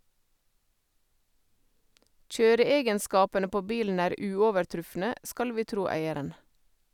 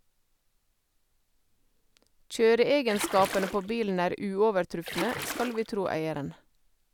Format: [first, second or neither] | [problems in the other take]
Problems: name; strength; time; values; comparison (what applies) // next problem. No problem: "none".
first | background sound (Splash, splatter); 8 dB below the speech